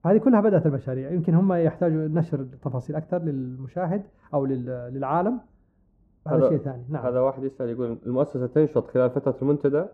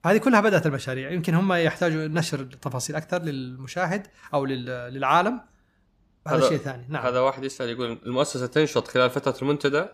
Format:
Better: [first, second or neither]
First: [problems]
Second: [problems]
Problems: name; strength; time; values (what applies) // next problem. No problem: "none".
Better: second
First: muffled; very; fading above 1.5 kHz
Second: none